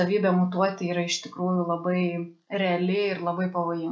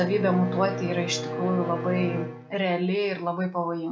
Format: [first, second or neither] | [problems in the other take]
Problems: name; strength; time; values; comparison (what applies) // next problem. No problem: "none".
first | background sound (Bowed string instrument); 7 dB below the speech